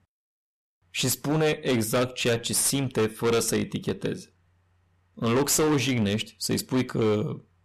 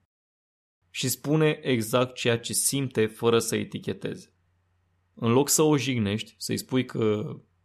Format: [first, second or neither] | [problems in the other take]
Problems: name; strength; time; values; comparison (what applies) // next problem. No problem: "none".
second | distortion; heavy; 13% of the sound clipped